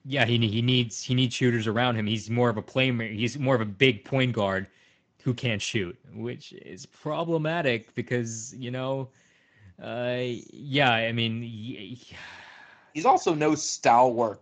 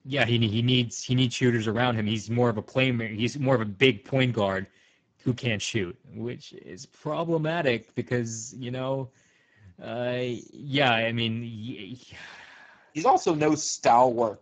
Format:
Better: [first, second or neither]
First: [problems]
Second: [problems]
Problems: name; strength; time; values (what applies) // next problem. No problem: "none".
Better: first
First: garbled, watery; slightly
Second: garbled, watery; badly; nothing above 7.5 kHz